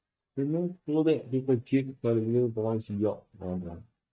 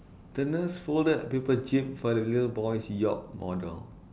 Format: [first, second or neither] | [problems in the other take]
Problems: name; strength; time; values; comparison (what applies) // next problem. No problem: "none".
second | noise reduction (neural mask model DeepFilterNet 3)